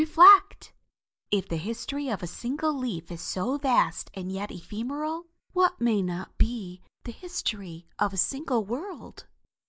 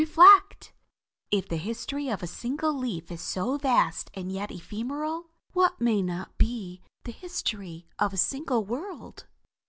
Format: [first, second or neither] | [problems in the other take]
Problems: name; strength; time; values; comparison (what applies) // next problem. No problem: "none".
second | noise reduction (neural mask model Resemble Enhance denoiser)